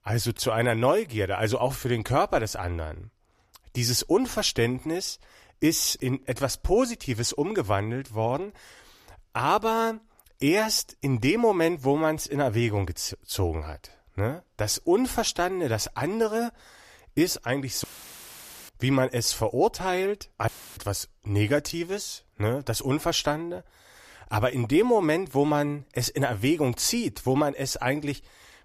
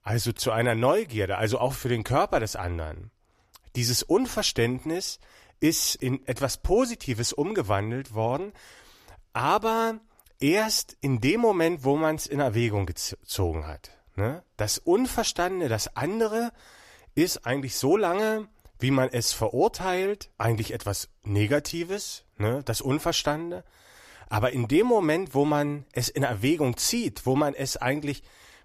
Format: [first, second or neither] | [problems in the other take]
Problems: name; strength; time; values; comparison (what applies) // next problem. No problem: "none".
second | audio cutting out; filled with static; at 18 s for 1 s and at 20 s